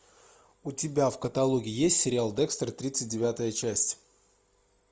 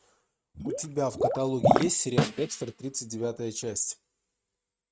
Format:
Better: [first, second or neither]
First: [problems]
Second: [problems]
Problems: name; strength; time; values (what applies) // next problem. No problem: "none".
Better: first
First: none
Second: noise reduction (neural mask model RNNoise)